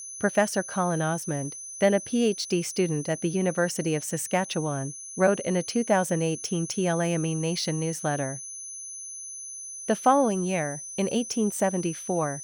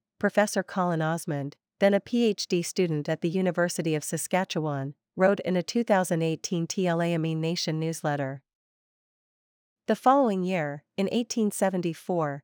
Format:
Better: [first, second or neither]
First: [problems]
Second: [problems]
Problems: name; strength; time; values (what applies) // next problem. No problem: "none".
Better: second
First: high-pitched whine; loud; throughout; 6 kHz, 10 dB below the speech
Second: none